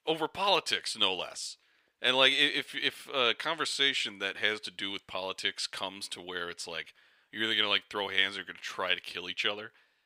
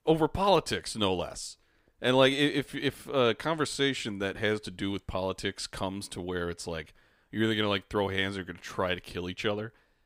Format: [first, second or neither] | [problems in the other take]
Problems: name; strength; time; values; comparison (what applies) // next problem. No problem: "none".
second | thin; somewhat; fading below 650 Hz